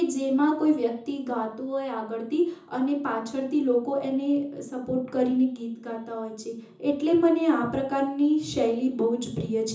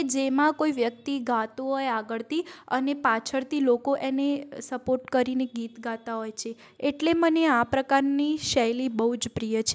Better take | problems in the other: second | room echo; dies away in 0.6 s

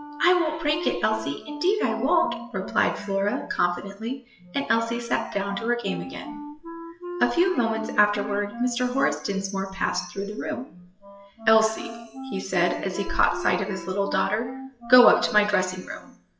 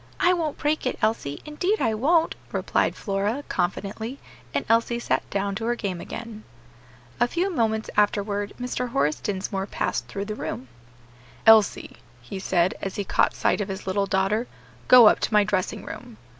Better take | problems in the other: second | noise reduction (classical method WPE with log-MMSE)

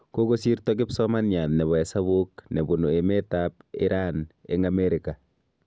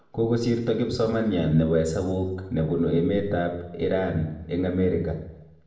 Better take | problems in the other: first | room echo; dies away in 0.8 s

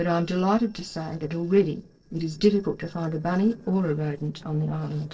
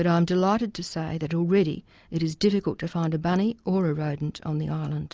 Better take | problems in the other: second | noise reduction (neural separator model SepFormer DNS4)

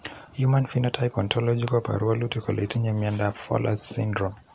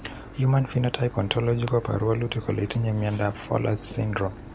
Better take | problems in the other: first | background sound (Engine / Boat, Water vehicle); 16 dB below the speech

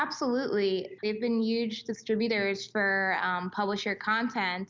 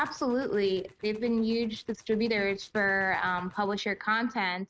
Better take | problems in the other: first | noise reduction (neural mask model RNNoise)

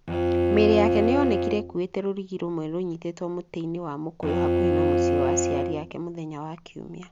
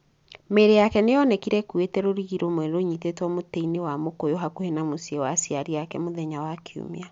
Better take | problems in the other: second | background sound (Bowed string instrument); 2 dB above the speech

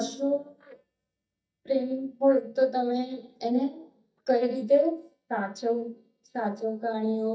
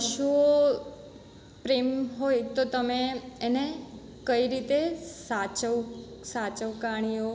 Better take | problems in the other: second | noise reduction (neural mask model DeepFilterNet 3)

